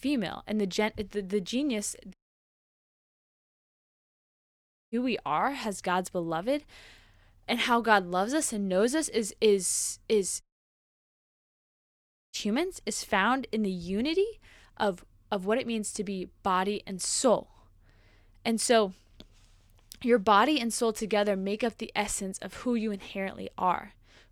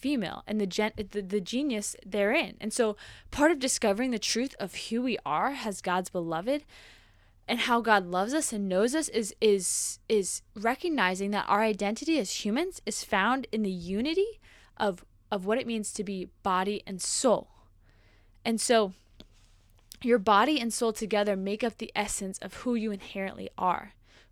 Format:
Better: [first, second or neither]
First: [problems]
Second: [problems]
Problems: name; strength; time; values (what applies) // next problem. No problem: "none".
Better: second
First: audio cutting out; at 2 s for 3 s and at 10 s for 2 s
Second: none